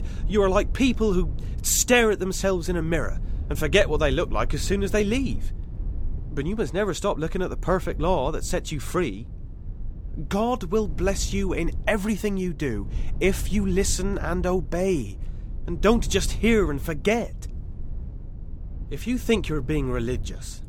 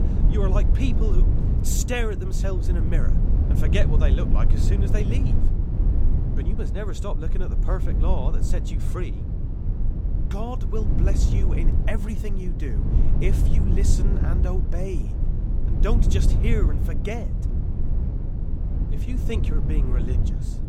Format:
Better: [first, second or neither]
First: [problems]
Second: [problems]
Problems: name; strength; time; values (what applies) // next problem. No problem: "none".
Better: first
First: low rumble; faint; throughout; 25 dB below the speech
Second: low rumble; loud; throughout; 4 dB below the speech